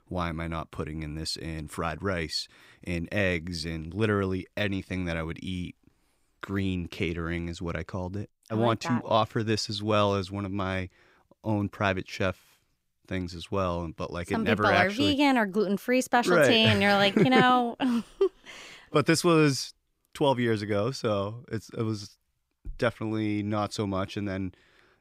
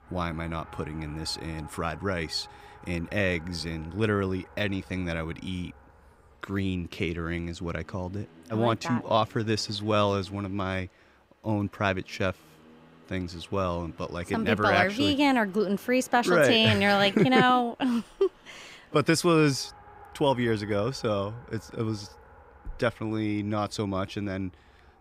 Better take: first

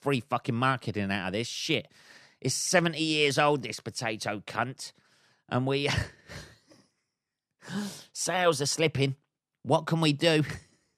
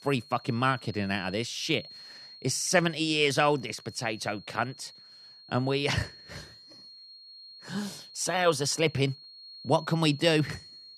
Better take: first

